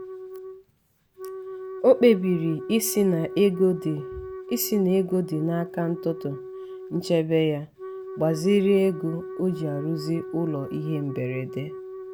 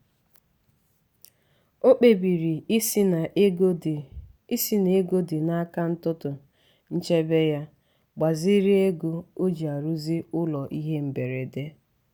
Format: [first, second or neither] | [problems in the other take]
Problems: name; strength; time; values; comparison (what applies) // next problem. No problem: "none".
second | background sound (Wind instrument, woodwind instrument); 12 dB below the speech